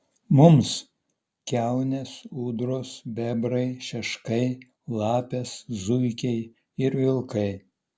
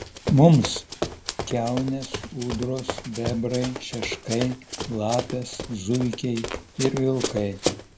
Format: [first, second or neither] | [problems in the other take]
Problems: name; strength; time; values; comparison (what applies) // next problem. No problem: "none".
first | background sound (Run); 8 dB below the speech